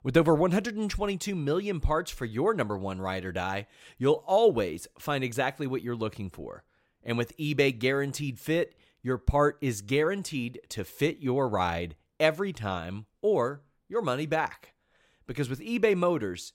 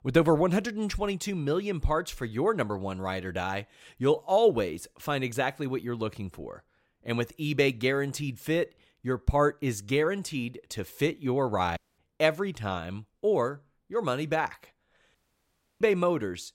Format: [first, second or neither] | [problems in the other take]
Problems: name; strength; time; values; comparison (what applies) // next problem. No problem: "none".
first | audio cutting out; at 12 s and at 15 s for 0.5 s